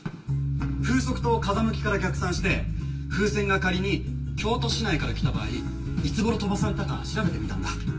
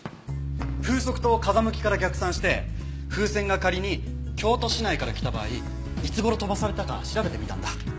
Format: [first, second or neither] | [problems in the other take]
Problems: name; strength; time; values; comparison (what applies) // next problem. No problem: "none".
second | room echo; dies away in 0.1 s